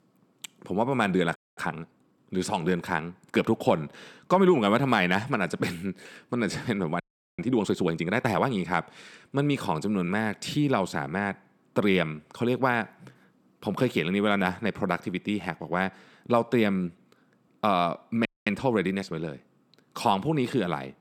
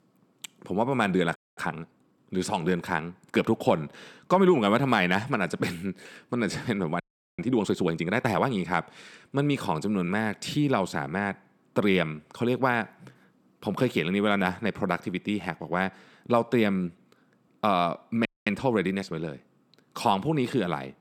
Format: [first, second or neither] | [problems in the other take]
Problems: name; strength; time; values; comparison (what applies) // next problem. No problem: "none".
neither | audio freezing; at 1.5 s, at 7 s and at 18 s; the same in both